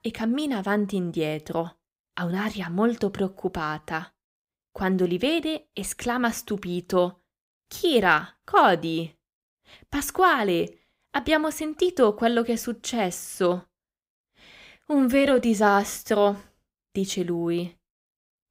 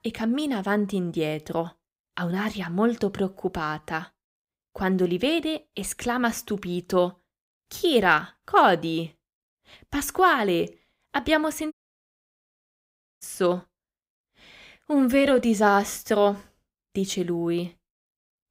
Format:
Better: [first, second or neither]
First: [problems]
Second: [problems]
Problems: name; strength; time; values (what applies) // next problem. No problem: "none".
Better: first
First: none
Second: audio cutting out; at 12 s for 1.5 s